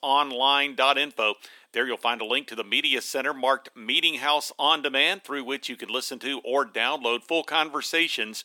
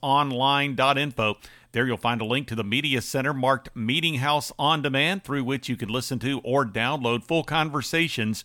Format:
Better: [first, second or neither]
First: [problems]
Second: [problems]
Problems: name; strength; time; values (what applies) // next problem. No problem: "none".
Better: second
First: thin; somewhat; fading below 300 Hz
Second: none